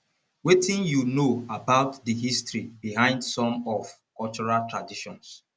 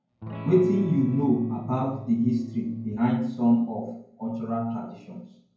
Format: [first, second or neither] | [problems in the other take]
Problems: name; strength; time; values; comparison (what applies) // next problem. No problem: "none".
first | background sound (Electric guitar / Strum); 13 dB below the speech // room echo; dies away in 0.9 s